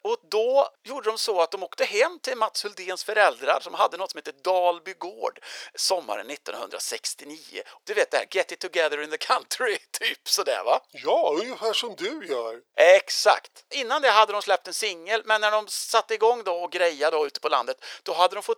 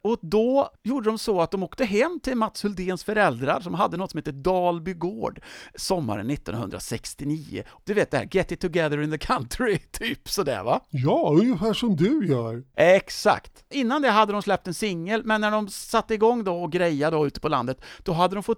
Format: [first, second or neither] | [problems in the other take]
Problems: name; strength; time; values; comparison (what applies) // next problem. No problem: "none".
second | thin; very; fading below 500 Hz